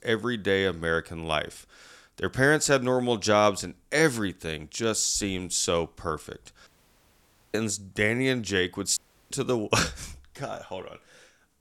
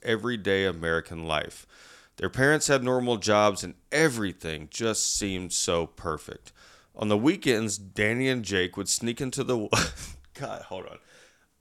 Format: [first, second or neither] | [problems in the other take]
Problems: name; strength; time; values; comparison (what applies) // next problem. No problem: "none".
second | audio cutting out; at 6.5 s for 1 s and at 9 s